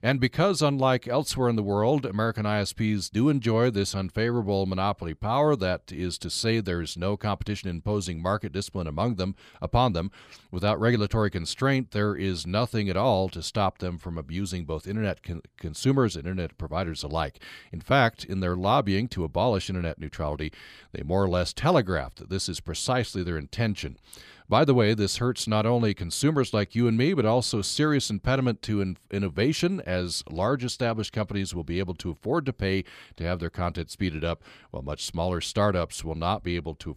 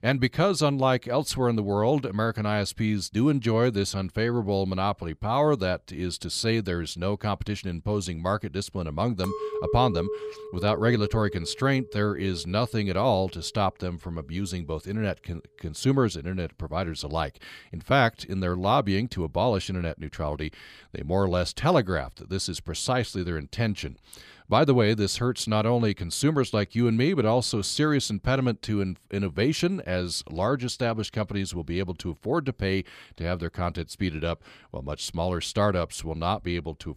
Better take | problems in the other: first | clattering dishes; noticeable; from 9 to 13 s; peak 4 dB below the speech

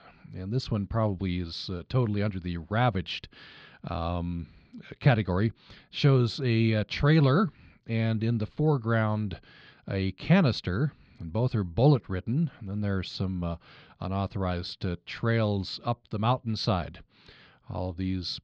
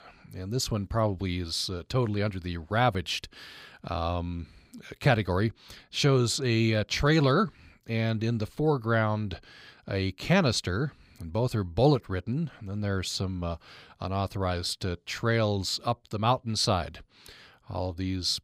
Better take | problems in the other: second | muffled; very slightly; fading above 4.5 kHz

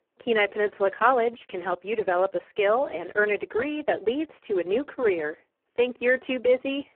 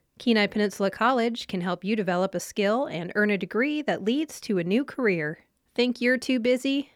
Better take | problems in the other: second | phone-call audio; poor line

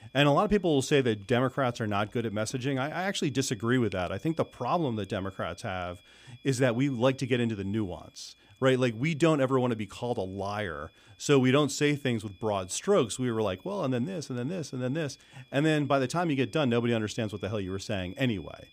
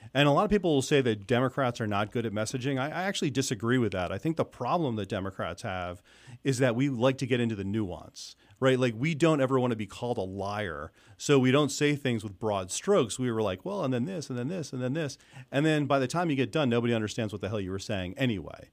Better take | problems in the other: second | high-pitched whine; faint; throughout; 3.5 kHz, 30 dB below the speech

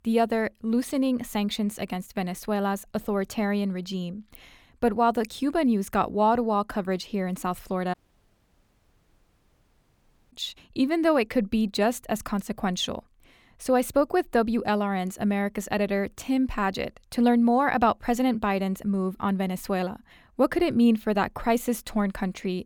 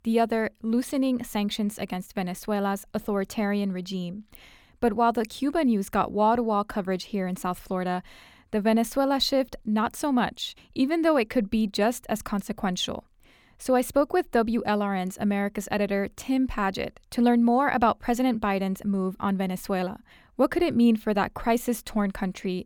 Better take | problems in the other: second | audio cutting out; at 8 s for 2.5 s

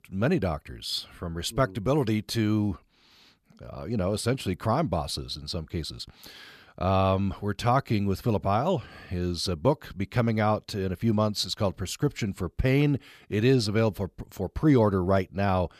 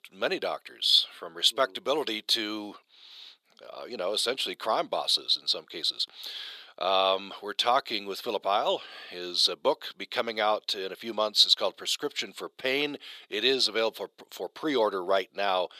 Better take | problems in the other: first | thin; very; fading below 400 Hz

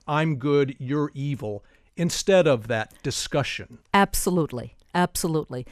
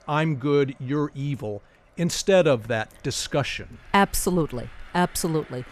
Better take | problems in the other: first | traffic noise; faint; throughout; 25 dB below the speech

